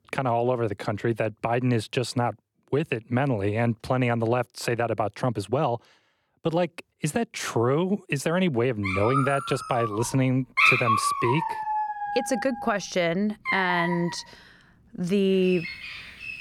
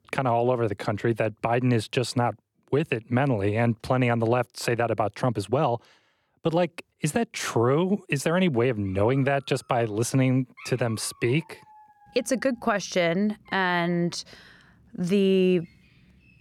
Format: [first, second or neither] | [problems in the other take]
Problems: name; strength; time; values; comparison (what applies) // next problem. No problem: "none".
second | animal sounds; loud; from 9 s on; 1 dB below the speech; faint in the second